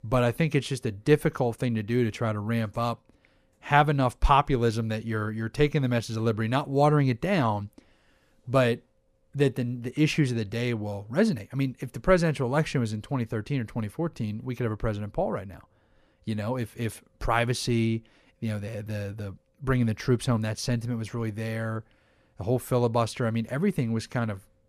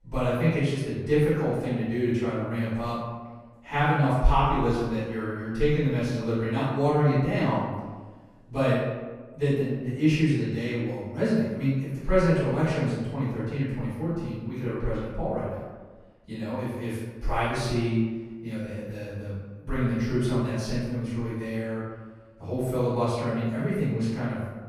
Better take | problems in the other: first | off-mic speech; far // room echo; strong; dies away in 1.2 s

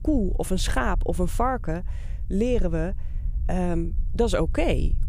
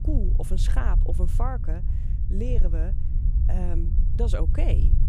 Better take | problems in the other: first | low rumble; loud; throughout; 7 dB below the speech; faint in the first

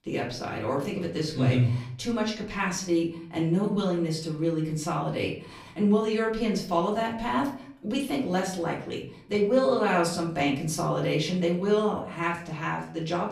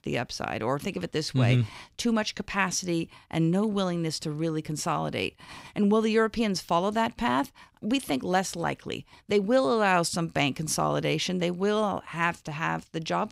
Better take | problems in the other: second | off-mic speech; far // room echo; slight; dies away in 0.5 s

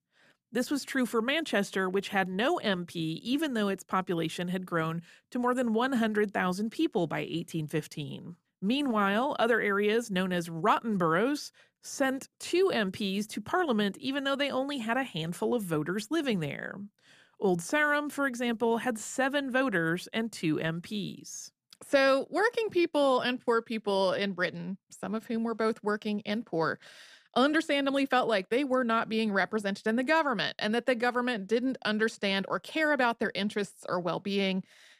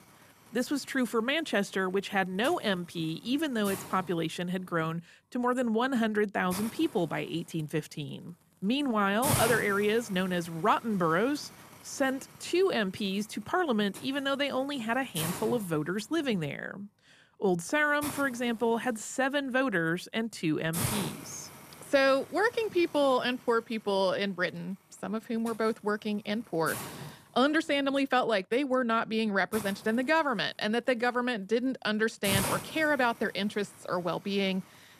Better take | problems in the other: first | hiss; loud; throughout; 9 dB below the speech

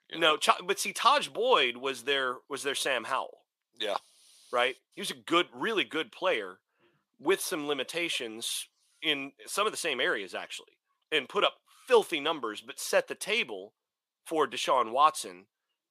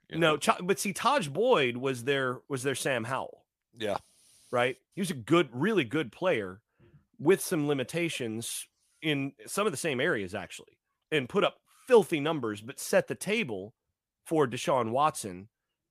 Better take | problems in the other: second | thin; somewhat; fading below 400 Hz

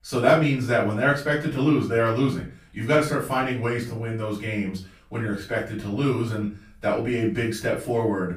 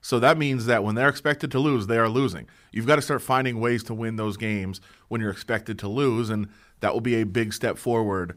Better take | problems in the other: second | off-mic speech; far // room echo; slight; dies away in 0.3 s

